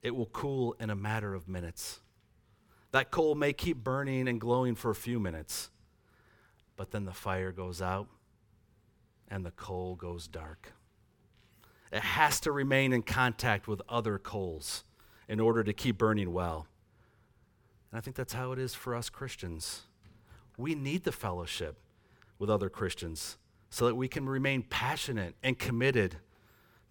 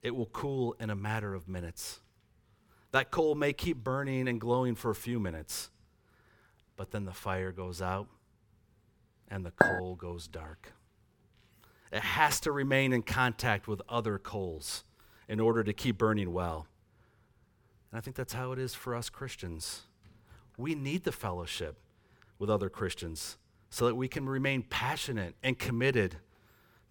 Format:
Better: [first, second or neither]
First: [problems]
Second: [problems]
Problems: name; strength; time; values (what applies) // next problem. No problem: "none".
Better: first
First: none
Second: clattering dishes; loud; at 9.5 s; peak 6 dB above the speech